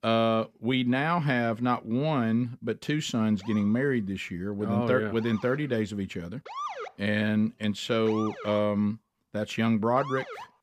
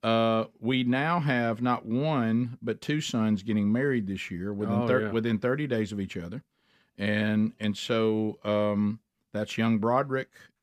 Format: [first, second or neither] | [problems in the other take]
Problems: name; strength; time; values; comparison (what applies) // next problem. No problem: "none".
second | siren; noticeable; from 3.5 s on; peak 8 dB below the speech